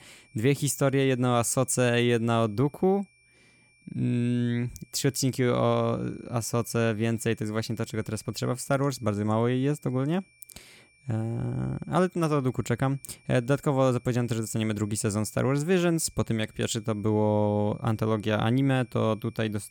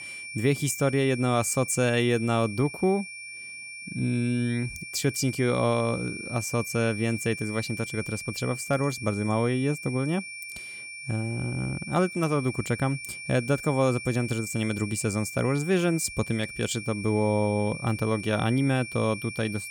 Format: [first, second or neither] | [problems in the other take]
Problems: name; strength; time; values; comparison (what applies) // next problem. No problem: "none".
first | high-pitched whine; loud; throughout; 2.5 kHz, 10 dB below the speech; faint in the first